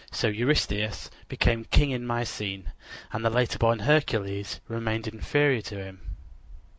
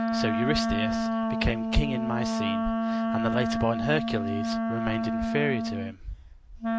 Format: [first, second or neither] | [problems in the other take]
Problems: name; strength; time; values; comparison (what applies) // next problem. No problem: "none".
first | background sound (Wind instrument, woodwind instrument); 3 dB above the speech